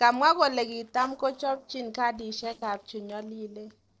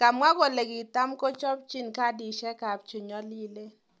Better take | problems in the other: second | noise reduction (neural separator model SepFormer DNS4)

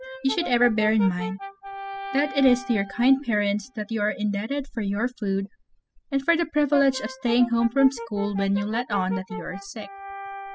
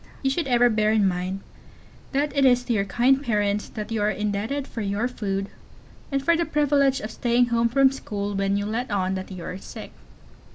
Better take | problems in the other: second | noise reduction (classical method spectral subtraction)

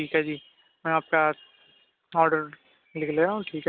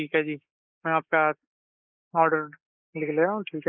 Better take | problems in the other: first | noise reduction (neural mask model Resemble Enhance denoiser)

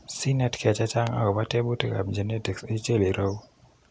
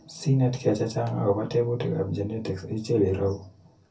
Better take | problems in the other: first | room echo; dies away in 0.3 s

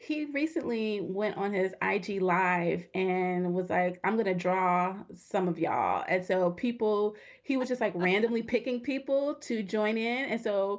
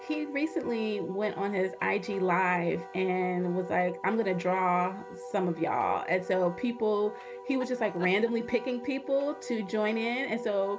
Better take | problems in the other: first | background sound (Wind instrument, woodwind instrument); 12 dB below the speech

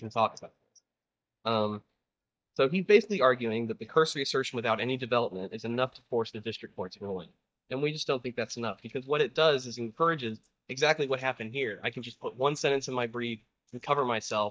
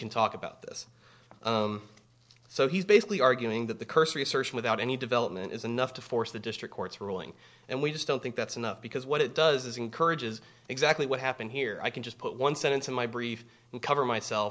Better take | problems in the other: second | noise reduction (neural mask model DeepFilterNet 3)

